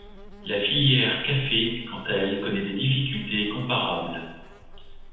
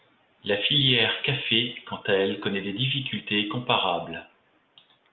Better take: second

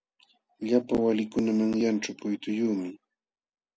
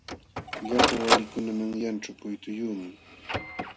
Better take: first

